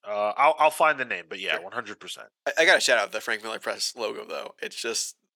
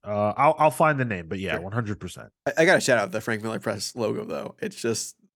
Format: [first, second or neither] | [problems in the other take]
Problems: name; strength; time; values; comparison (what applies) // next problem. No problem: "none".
second | thin; very; fading below 500 Hz